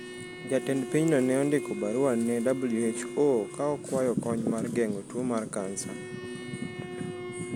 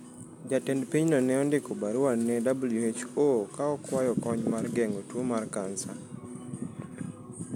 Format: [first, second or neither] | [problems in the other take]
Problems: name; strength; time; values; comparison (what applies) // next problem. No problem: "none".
second | background sound (Bowed string instrument); 12 dB below the speech